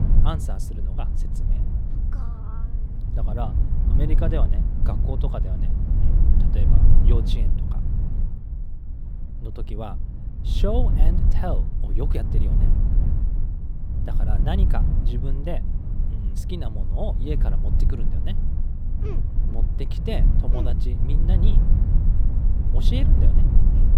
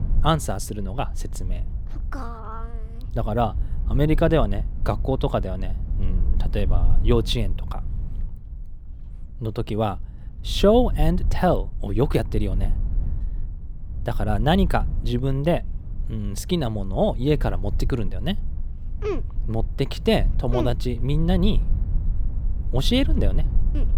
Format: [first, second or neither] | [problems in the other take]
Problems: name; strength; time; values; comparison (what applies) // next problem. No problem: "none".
second | low rumble; loud; throughout; 4 dB below the speech; faint in the second